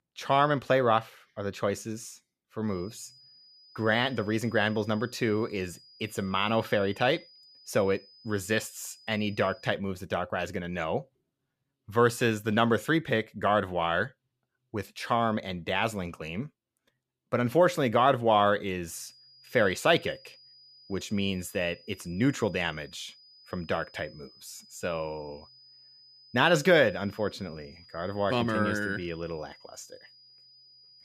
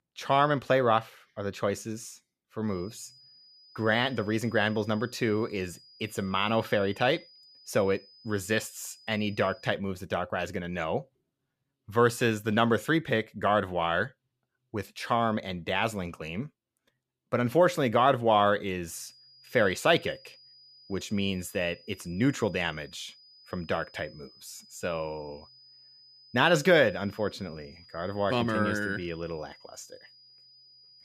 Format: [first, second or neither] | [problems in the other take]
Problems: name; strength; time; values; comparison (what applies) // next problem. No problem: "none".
neither | high-pitched whine; faint; from 2.5 to 9.5 s and from 19 s on; 5 kHz, 25 dB below the speech; the same in both